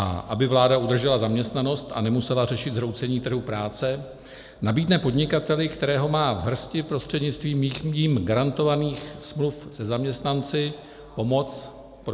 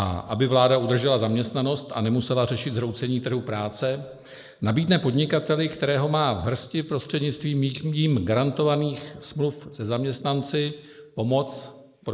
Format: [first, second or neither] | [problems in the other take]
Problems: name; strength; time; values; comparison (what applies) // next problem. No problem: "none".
first | noise reduction (neural mask model Resemble Enhance denoiser)